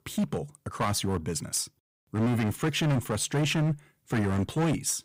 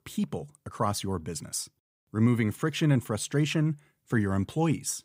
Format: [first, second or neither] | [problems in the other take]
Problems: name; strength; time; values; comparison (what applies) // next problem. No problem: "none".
second | distortion; heavy; 14% of the sound clipped